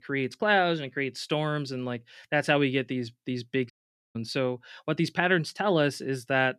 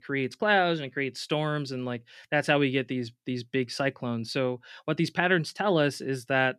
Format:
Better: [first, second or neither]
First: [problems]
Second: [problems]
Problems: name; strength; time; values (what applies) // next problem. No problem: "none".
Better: second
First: audio cutting out; at 3.5 s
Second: none